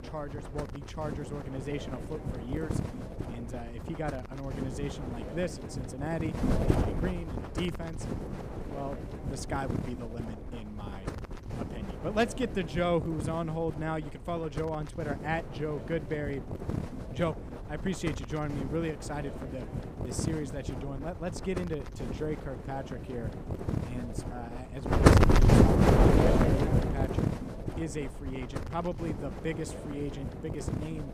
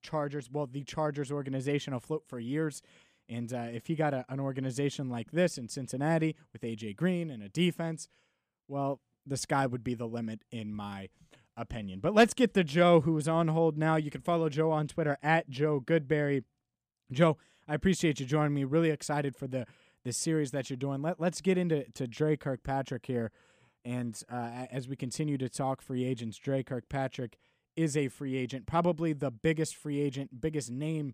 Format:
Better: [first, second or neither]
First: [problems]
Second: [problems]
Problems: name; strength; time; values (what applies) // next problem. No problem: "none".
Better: second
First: wind noise on the microphone; heavy; 1 dB above the speech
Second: none